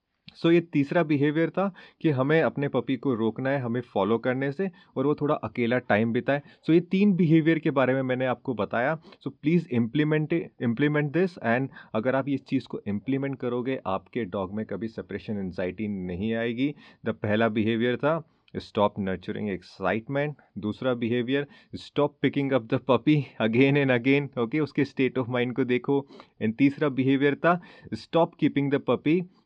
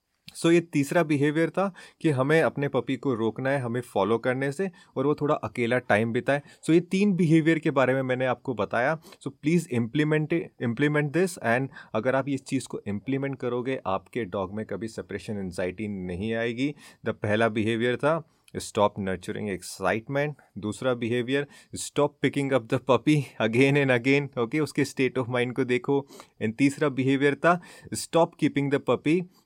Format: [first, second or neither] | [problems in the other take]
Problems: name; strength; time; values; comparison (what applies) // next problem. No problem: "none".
second | muffled; slightly; fading above 4 kHz